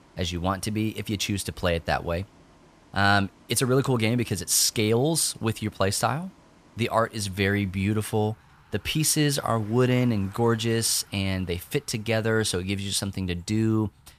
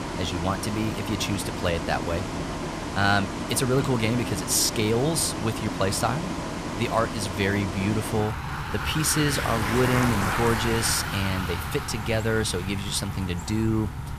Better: first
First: traffic noise; faint; throughout; 30 dB below the speech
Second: traffic noise; loud; throughout; 4 dB below the speech

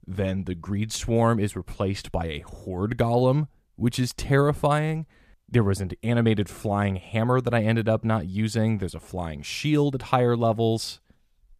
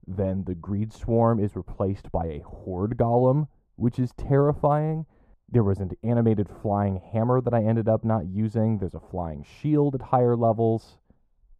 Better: first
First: none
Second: muffled; very; fading above 1.5 kHz

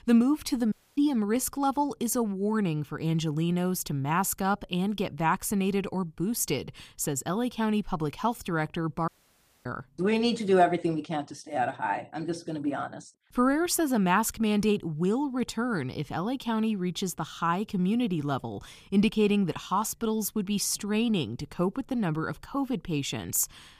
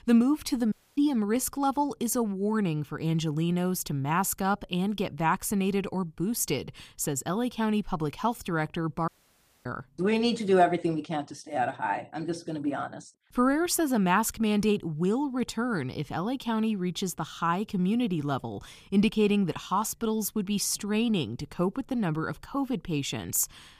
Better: neither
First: audio cutting out; at 0.5 s and at 9 s for 0.5 s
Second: audio cutting out; at 0.5 s and at 9 s for 0.5 s

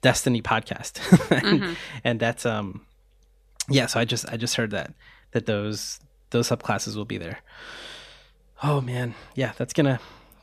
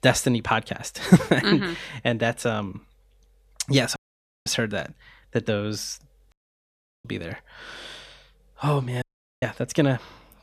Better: first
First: none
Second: audio cutting out; at 4 s for 0.5 s, at 6.5 s for 0.5 s and at 9 s

